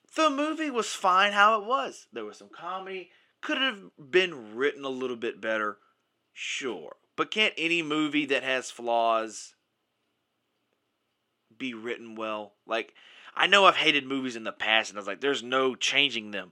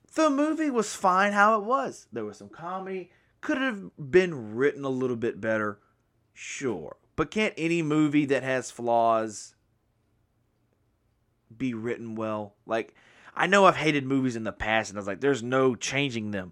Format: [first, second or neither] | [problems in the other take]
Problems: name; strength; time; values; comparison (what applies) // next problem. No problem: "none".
second | thin; very slightly; fading below 300 Hz